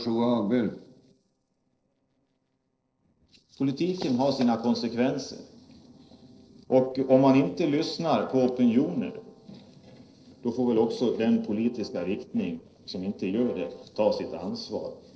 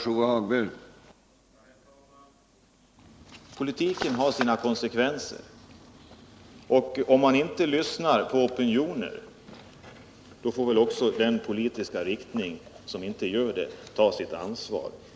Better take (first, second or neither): second